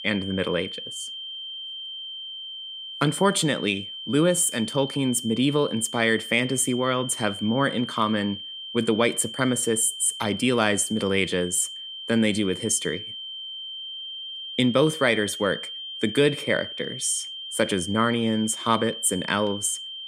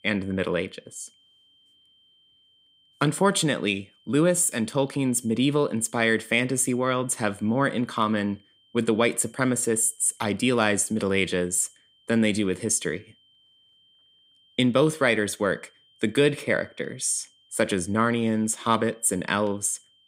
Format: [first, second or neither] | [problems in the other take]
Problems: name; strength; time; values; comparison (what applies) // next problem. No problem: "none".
second | high-pitched whine; loud; throughout; 3 kHz, 10 dB below the speech; faint in the second